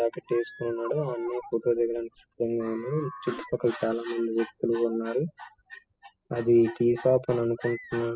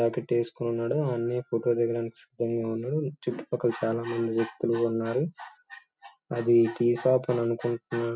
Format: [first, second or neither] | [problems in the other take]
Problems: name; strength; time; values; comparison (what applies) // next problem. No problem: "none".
second | noise reduction (classical method spectral subtraction)